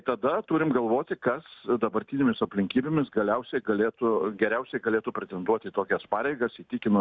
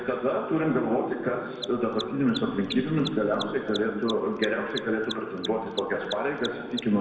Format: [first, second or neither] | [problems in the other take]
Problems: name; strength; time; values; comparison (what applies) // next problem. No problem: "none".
first | background sound (Mechanisms); 15 dB below the speech // room echo; dies away in 1.6 s